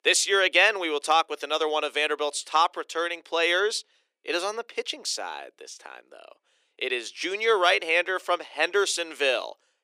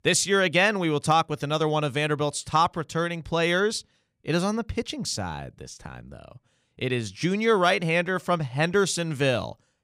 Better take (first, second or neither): second